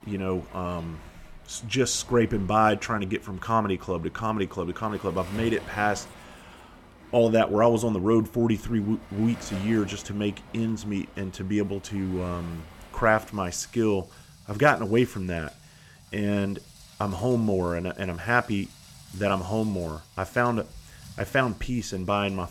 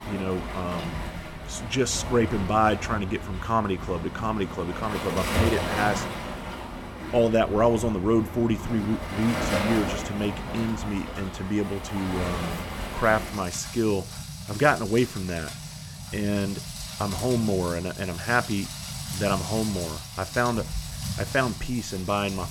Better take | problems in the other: first | rain or running water; loud; throughout; 6 dB below the speech; faint in the first

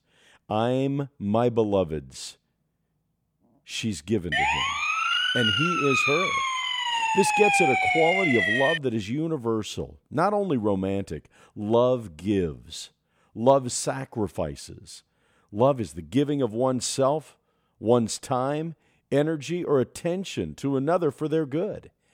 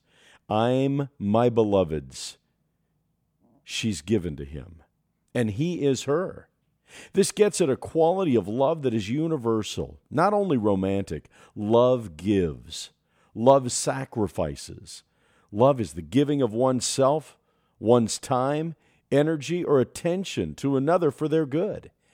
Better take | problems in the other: second | siren; loud; from 4.5 to 9 s; peak 6 dB above the speech

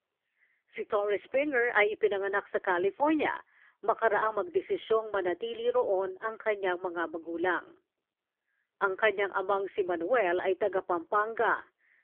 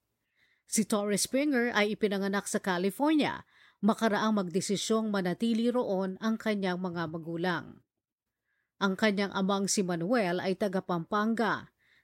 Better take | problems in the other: second | phone-call audio; poor line; nothing above 3.5 kHz

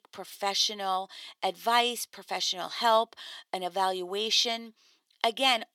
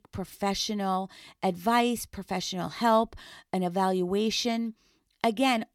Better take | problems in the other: second | thin; somewhat; fading below 500 Hz

